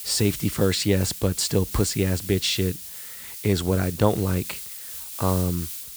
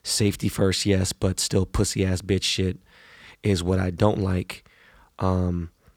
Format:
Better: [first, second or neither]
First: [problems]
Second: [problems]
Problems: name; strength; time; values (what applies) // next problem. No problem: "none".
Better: second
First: hiss; loud; throughout; 9 dB below the speech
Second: none